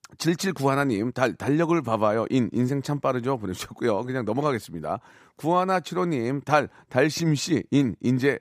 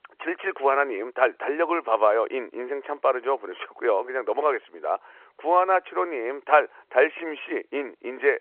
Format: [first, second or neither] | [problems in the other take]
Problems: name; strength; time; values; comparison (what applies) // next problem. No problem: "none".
first | phone-call audio